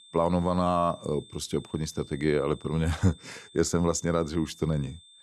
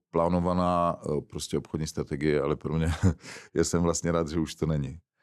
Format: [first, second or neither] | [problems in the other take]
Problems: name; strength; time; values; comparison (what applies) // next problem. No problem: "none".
second | high-pitched whine; faint; throughout; 3.5 kHz, 20 dB below the speech